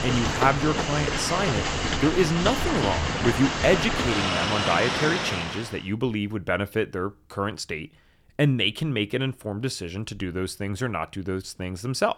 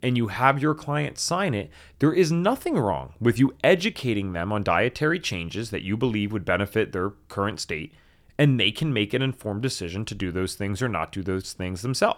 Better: second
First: train or aircraft noise; very loud; until 5.5 s; as loud as the speech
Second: none

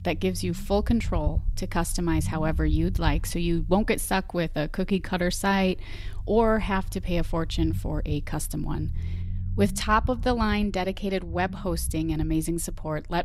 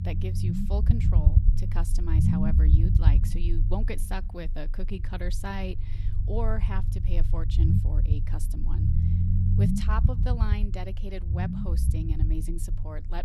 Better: first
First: low rumble; faint; throughout; 20 dB below the speech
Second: low rumble; loud; throughout; 1 dB below the speech

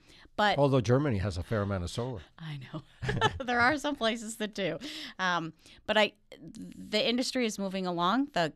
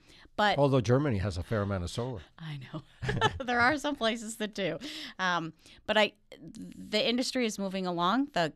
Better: neither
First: none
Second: none

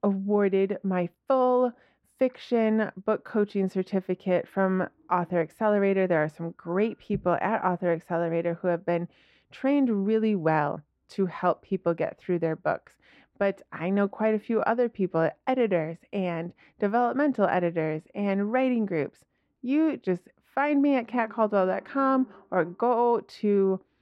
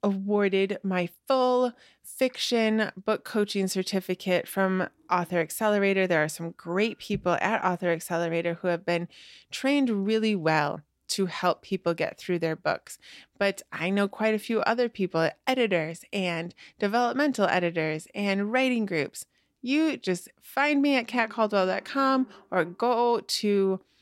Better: second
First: muffled; very; fading above 3 kHz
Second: none

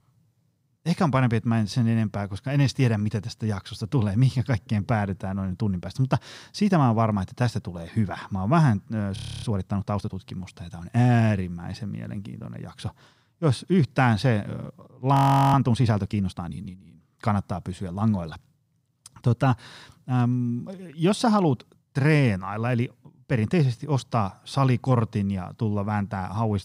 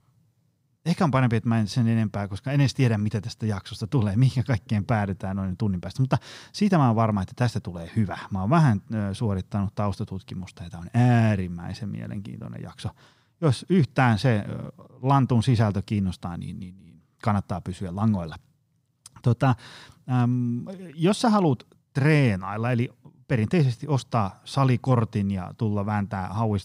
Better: second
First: audio freezing; at 9 s and at 15 s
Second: none

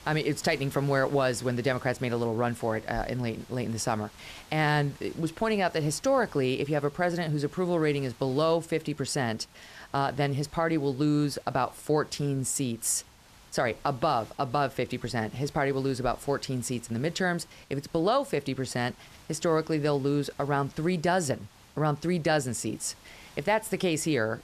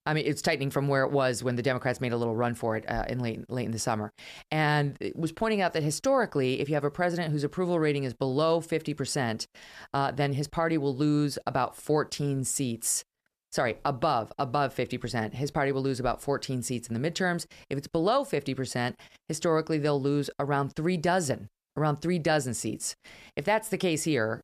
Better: second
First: hiss; faint; throughout; 25 dB below the speech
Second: none

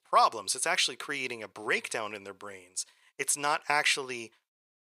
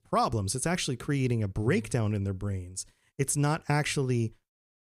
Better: second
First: thin; very; fading below 700 Hz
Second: none

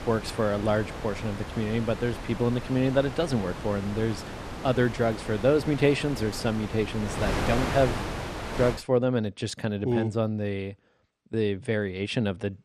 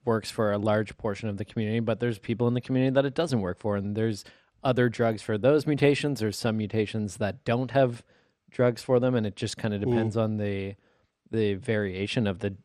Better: second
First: wind noise on the microphone; heavy; until 8.5 s; 7 dB below the speech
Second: none

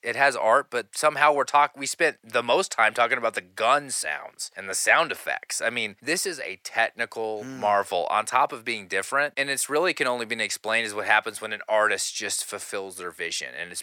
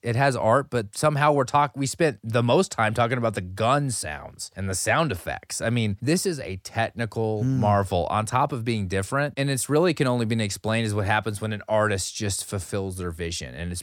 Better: second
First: thin; very; fading below 500 Hz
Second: none

